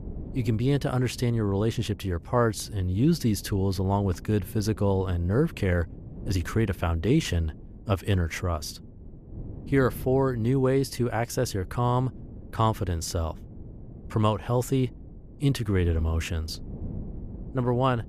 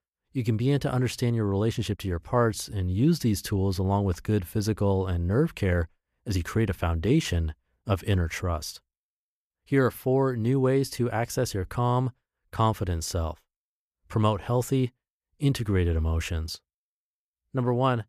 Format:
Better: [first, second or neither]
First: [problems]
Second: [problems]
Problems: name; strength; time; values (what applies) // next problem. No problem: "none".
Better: second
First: wind noise on the microphone; occasional gusts; 20 dB below the speech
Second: none